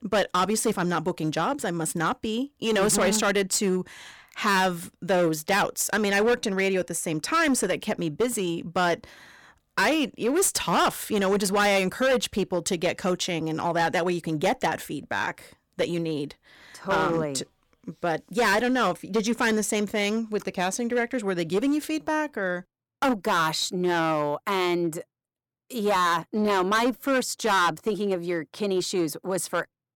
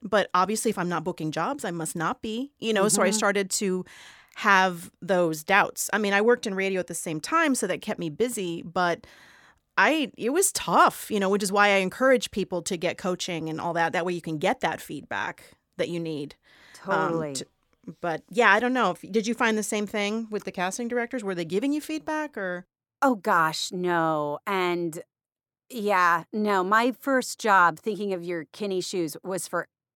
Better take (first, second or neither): second